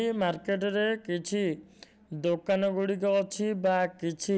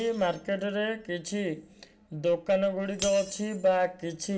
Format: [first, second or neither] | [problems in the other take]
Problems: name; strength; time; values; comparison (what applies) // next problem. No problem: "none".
first | background sound (Shatter); 17 dB below the speech // room echo; dies away in 0.4 s